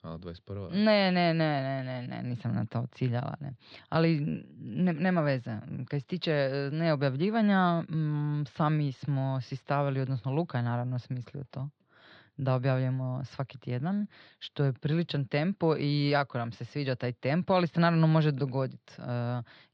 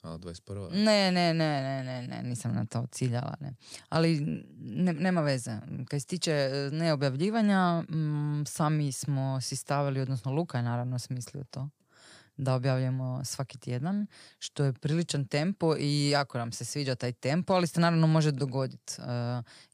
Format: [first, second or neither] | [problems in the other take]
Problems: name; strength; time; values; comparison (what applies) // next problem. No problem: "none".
second | muffled; slightly; fading above 4 kHz